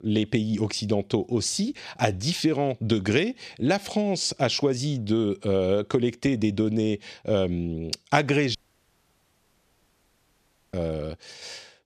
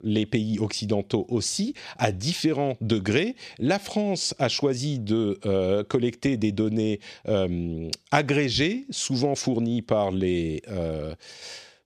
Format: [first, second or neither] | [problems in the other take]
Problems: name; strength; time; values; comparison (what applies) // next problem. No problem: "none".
second | audio cutting out; at 8.5 s for 2 s